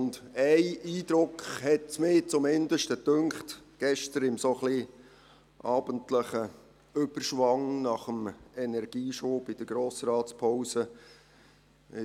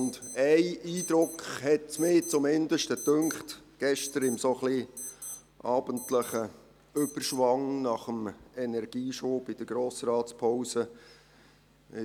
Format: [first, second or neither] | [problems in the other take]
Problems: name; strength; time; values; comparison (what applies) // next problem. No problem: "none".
first | background sound (Alarm); 17 dB below the speech